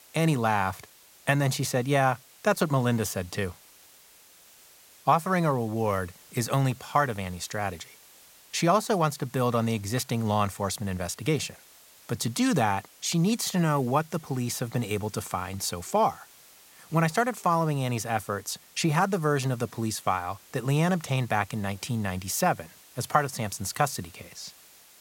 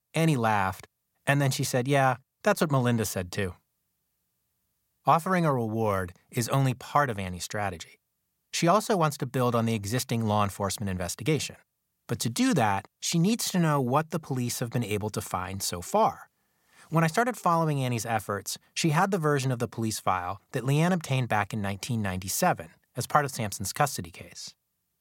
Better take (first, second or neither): second